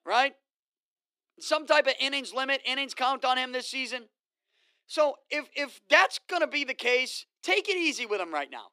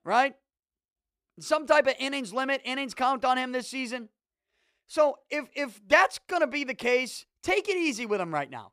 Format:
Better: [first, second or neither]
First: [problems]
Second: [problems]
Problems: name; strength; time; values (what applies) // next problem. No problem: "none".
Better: second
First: thin; very slightly; fading below 300 Hz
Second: none